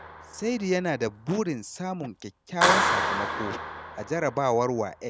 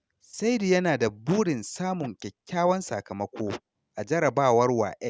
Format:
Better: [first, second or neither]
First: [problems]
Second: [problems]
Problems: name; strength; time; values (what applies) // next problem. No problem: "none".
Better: second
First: background sound (Clapping); 1 dB below the speech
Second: none